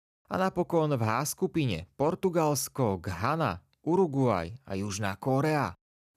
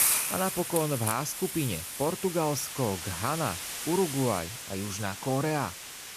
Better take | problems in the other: first | hiss; loud; throughout; 3 dB below the speech

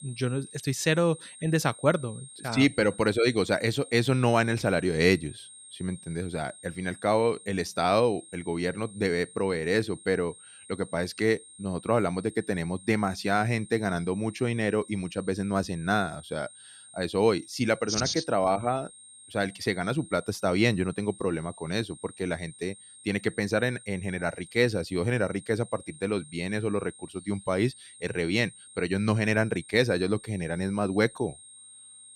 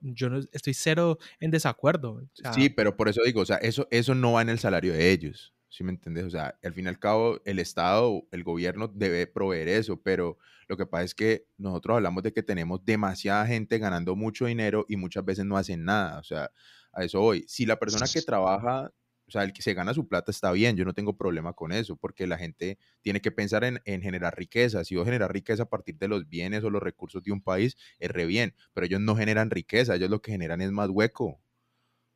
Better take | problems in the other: second | high-pitched whine; noticeable; throughout; 8.5 kHz, 20 dB below the speech

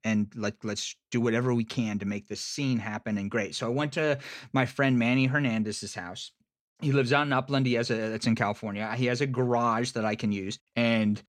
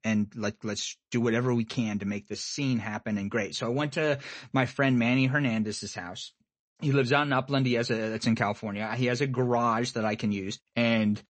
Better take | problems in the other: first | garbled, watery; slightly; nothing above 8 kHz

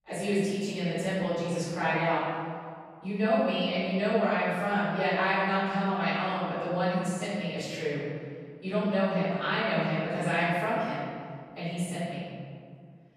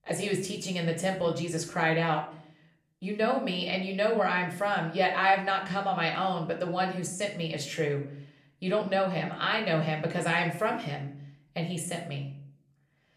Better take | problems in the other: second | room echo; strong; dies away in 1.9 s; slight in the second // off-mic speech; far; somewhat distant in the second

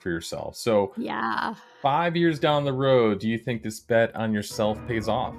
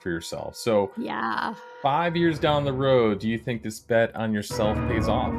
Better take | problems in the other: first | background music; loud; throughout; 8 dB below the speech; faint in the first

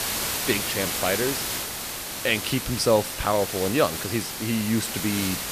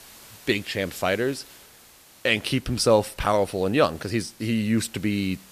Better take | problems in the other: second | hiss; loud; throughout; 3 dB below the speech; faint in the second

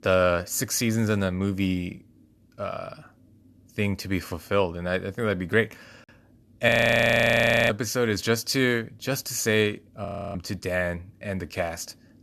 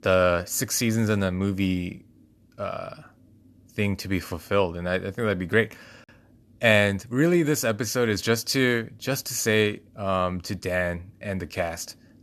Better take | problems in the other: second | audio freezing; at 6.5 s for 1 s and at 10 s

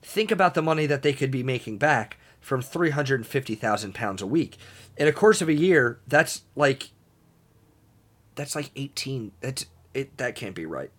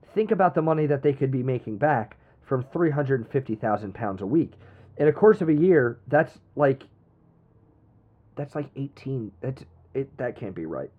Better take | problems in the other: first | muffled; very; fading above 3 kHz

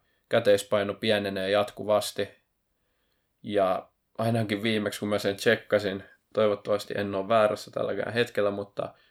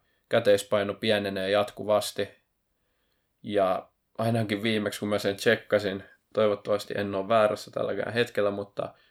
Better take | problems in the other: neither | none

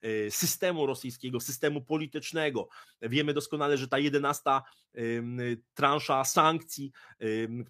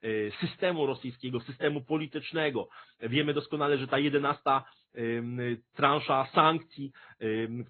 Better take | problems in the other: first | garbled, watery; badly; nothing above 4 kHz

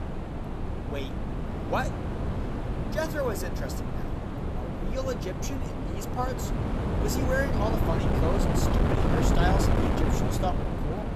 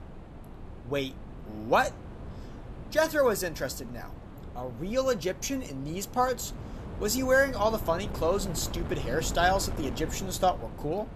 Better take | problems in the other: second | wind noise on the microphone; heavy; 1 dB below the speech; occasional gusts in the second

